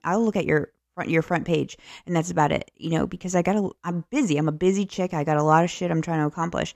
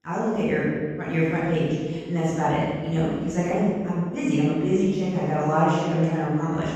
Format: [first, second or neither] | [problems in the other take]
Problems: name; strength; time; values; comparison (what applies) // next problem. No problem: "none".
first | off-mic speech; far // room echo; strong; dies away in 1.8 s